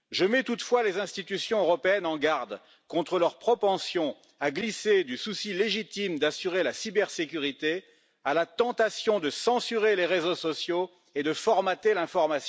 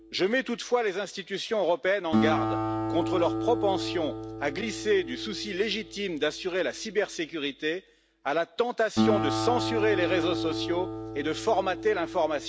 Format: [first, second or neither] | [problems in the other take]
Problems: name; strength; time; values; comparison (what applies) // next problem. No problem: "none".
first | background sound (Acoustic guitar); 4 dB below the speech